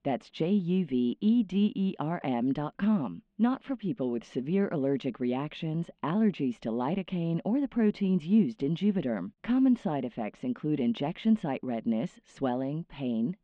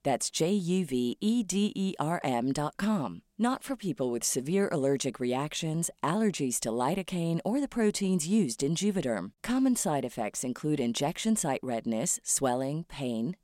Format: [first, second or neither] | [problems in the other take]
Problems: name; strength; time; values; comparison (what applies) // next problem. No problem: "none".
second | muffled; very; fading above 3 kHz